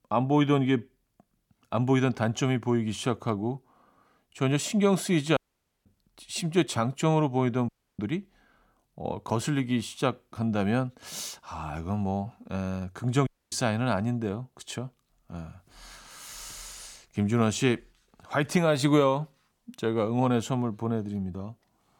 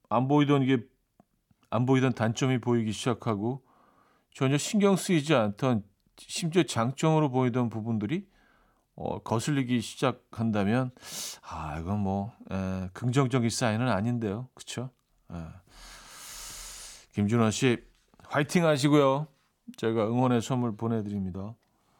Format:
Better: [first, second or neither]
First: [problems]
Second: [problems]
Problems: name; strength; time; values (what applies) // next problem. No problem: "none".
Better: second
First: audio cutting out; at 5.5 s, at 7.5 s and at 13 s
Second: none